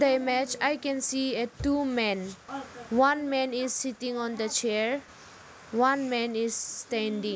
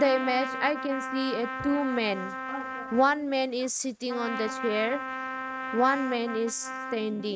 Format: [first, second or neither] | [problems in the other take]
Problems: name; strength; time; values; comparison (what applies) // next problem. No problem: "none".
first | noise reduction (neural mask model RNNoise)